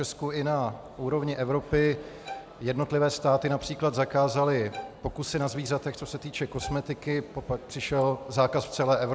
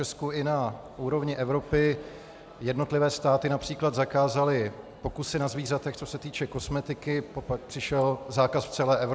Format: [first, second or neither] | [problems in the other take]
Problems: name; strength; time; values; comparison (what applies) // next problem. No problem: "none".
second | background sound (Bowed string instrument); 14 dB below the speech